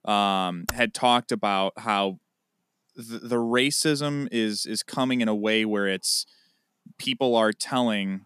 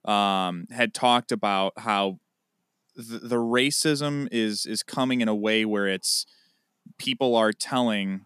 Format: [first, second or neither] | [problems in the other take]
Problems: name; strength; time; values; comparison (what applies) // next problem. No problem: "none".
second | keyboard typing; very faint; at 0.5 s; peak 9 dB below the speech